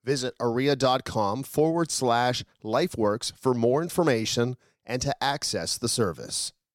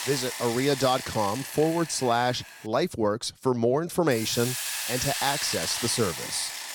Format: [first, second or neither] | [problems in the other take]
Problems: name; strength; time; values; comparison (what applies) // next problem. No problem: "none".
first | hiss; loud; until 2.5 s and from 4 s on; 5 dB below the speech